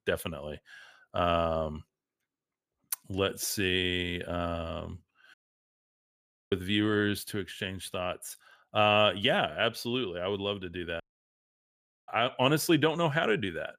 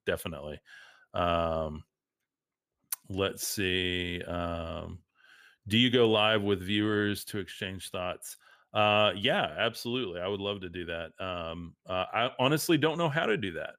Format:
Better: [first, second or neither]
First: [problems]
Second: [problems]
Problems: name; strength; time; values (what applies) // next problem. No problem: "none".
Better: second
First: audio cutting out; at 5.5 s for 1 s and at 11 s for 1 s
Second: none